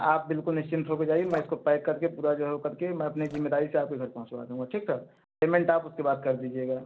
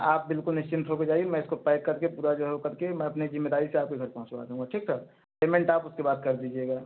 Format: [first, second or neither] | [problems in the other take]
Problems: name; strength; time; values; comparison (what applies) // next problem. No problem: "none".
second | noise reduction (neural separator model SepFormer DNS4)